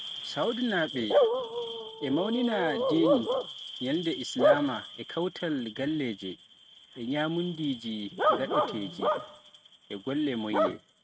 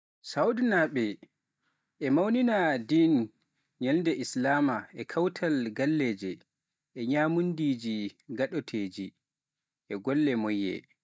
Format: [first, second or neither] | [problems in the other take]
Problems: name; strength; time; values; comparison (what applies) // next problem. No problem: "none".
second | noise reduction (neural mask model RNNoise)